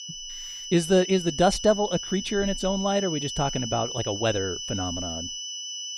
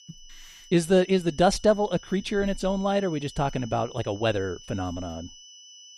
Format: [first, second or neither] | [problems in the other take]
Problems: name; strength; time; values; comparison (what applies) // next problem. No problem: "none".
second | high-pitched whine; loud; throughout; 3 kHz, 7 dB below the speech; faint in the second